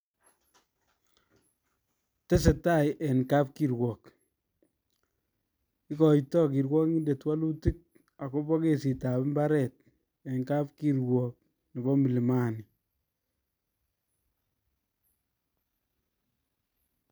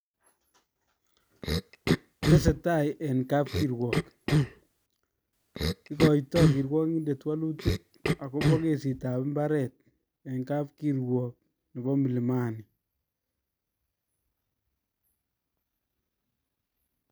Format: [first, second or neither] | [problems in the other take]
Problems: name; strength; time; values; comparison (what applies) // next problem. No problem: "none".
first | background sound (Cough); 1 dB above the speech